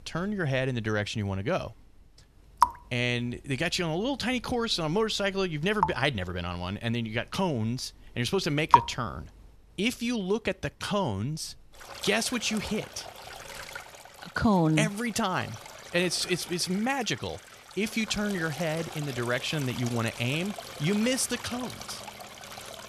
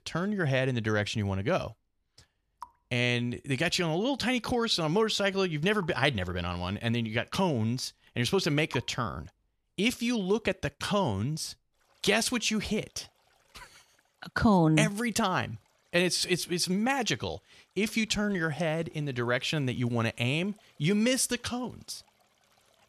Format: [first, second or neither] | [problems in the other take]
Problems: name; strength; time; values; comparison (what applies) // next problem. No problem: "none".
second | rain or running water; loud; throughout; 5 dB below the speech; faint in the second